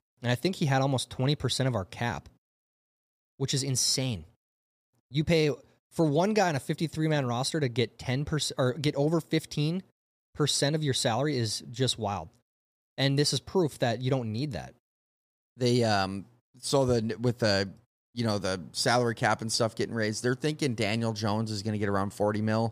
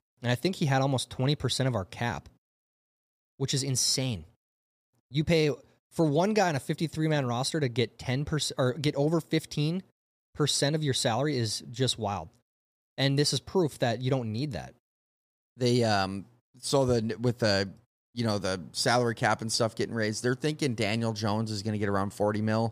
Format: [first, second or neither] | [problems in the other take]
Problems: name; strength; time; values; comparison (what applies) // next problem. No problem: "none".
neither | none